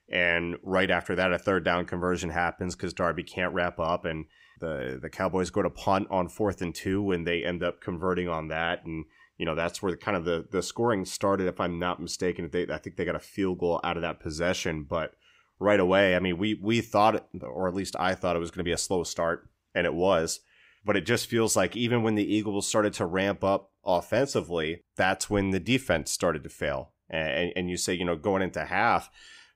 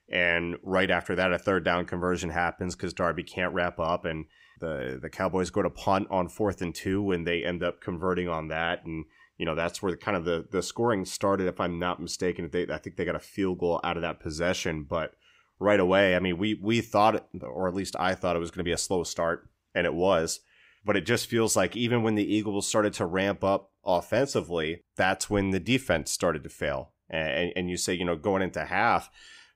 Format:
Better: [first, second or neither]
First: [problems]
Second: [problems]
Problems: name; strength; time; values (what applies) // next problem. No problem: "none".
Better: neither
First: none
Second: none